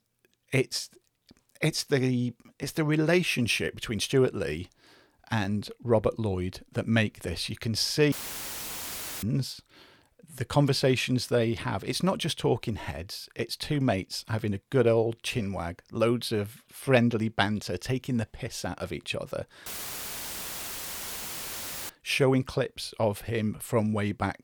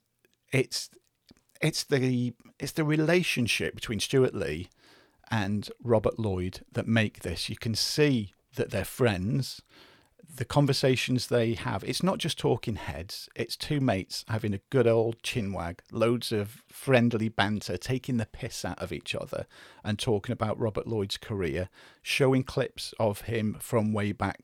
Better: second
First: audio cutting out; filled with static; at 8 s for 1 s and at 20 s for 2 s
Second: none

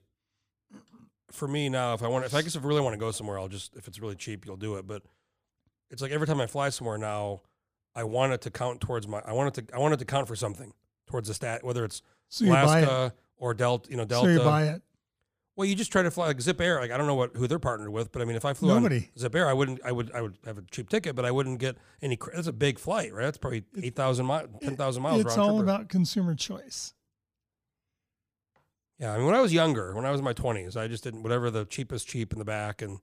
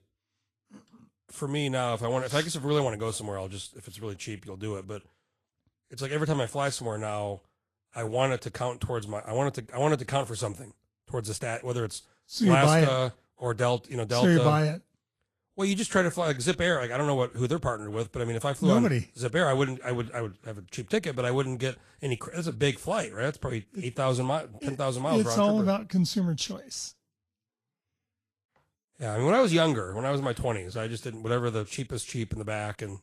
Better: first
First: none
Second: garbled, watery; slightly

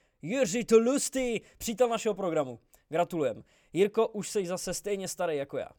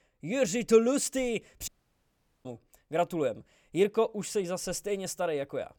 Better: first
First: none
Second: audio cutting out; at 1.5 s for 1 s

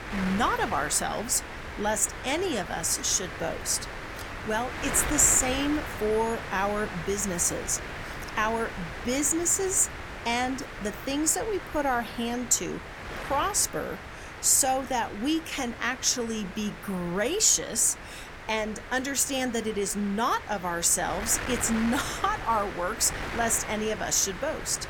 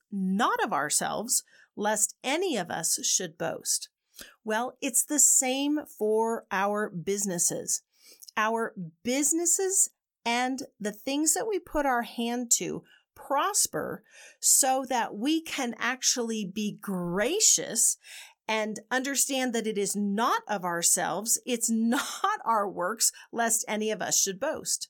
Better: second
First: wind noise on the microphone; heavy; 9 dB below the speech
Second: none

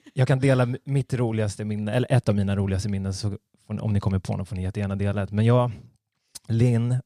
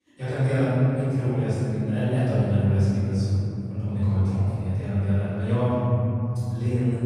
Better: first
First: none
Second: off-mic speech; far // room echo; strong; dies away in 3 s

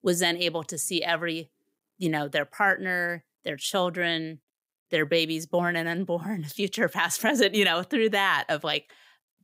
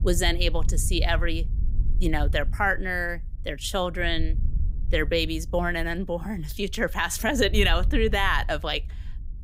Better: first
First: none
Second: wind noise on the microphone; occasional gusts; 25 dB below the speech

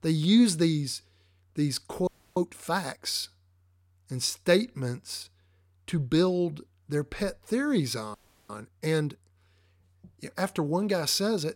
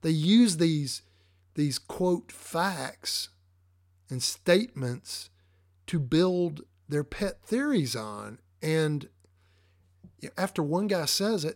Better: second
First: audio freezing; at 2 s and at 8 s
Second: none

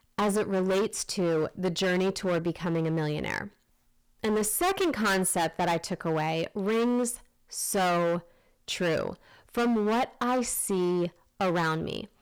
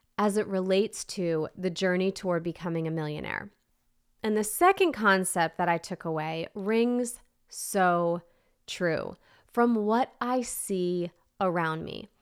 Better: second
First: distortion; heavy; 17% of the sound clipped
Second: none

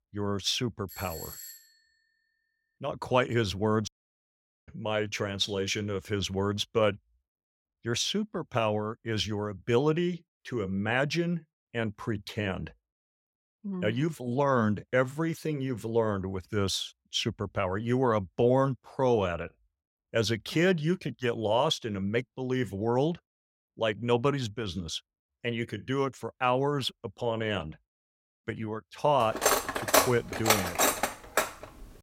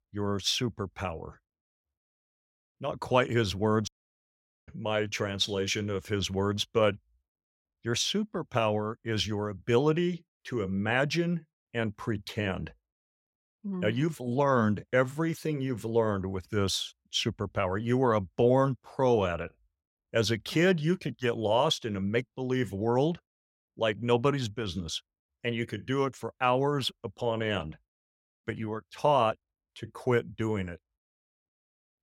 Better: second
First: doorbell; faint; at 1 s; peak 10 dB below the speech // clattering dishes; loud; from 29 to 31 s; peak 6 dB above the speech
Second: none

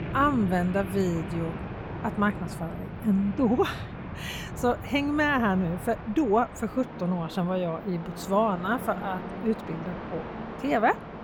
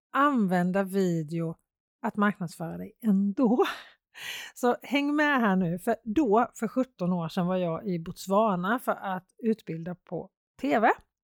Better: second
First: train or aircraft noise; noticeable; throughout; 10 dB below the speech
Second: none

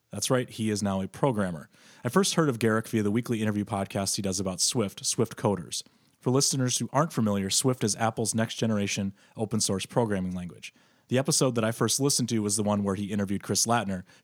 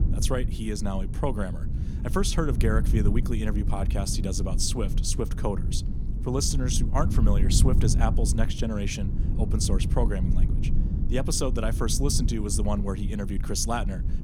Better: first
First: none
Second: low rumble; noticeable; throughout; 10 dB below the speech

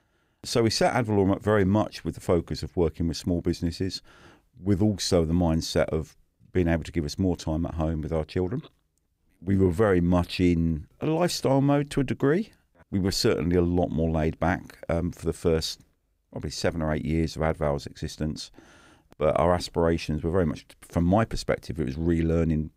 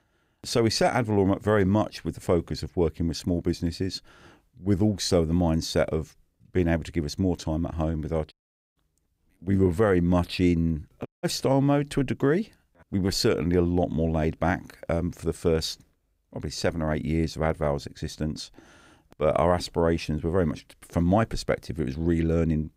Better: first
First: none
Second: audio cutting out; at 8.5 s and at 11 s

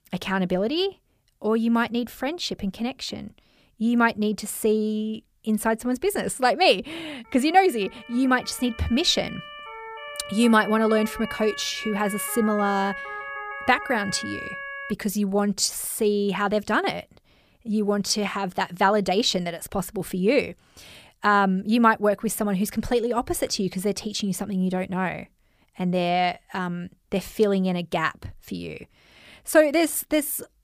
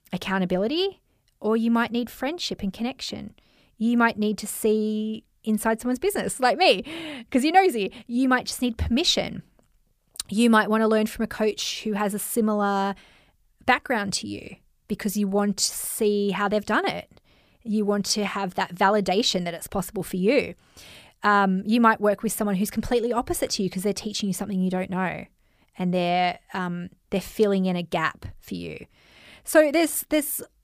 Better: second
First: siren; noticeable; from 7.5 to 15 s; peak 9 dB below the speech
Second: none

